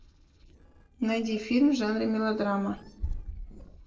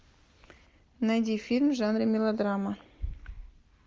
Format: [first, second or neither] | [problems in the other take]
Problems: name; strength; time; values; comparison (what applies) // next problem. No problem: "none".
second | noise reduction (neural separator model SepFormer DNS4)